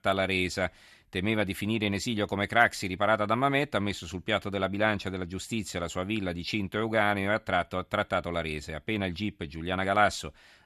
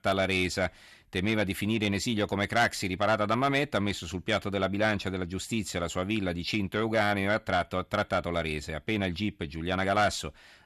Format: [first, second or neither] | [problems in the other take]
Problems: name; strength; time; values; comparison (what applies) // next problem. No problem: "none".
first | distortion; slight; 10 dB below the speech